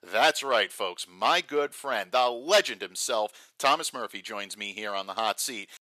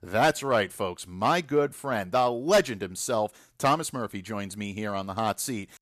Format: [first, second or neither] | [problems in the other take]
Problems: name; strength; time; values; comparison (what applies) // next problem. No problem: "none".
second | thin; somewhat; fading below 450 Hz